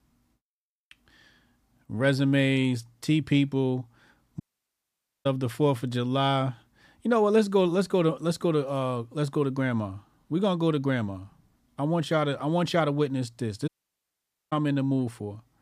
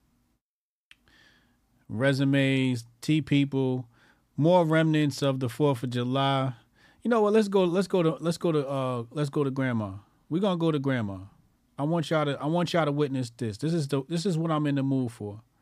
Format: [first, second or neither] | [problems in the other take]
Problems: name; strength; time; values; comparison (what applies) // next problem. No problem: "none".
second | audio cutting out; at 4.5 s for 1 s and at 14 s for 1 s